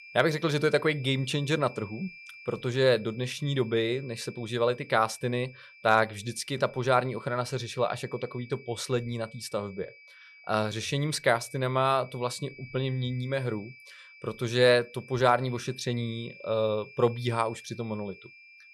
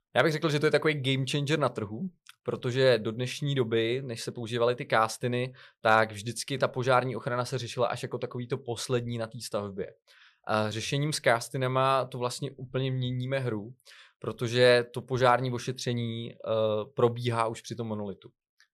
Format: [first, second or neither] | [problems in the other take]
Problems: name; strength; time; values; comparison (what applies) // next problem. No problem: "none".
second | high-pitched whine; noticeable; throughout; 2.5 kHz, 20 dB below the speech